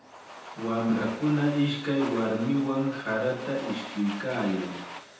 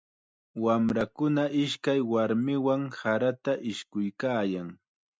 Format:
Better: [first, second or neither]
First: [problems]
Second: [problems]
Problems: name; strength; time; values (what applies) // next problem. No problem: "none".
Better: second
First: background sound (Domestic sounds, home sounds); 13 dB below the speech // room echo; dies away in 0.9 s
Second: none